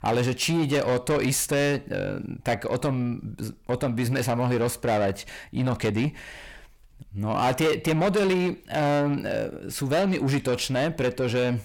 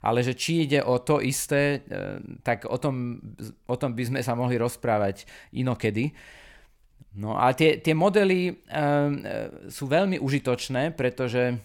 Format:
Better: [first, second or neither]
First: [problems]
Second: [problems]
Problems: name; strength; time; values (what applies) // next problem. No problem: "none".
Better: second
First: distortion; heavy; 8 dB below the speech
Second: none